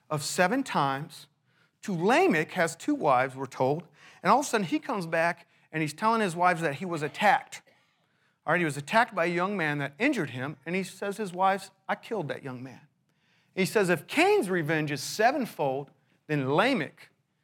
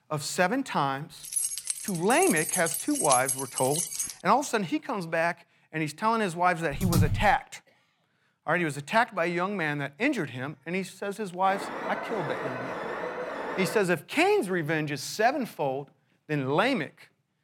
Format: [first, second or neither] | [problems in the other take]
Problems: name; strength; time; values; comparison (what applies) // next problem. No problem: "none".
first | jangling keys; loud; from 1 to 4 s; peak 2 dB above the speech // keyboard typing; loud; at 6.5 s; peak 2 dB above the speech // alarm; noticeable; from 11 to 14 s; peak 6 dB below the speech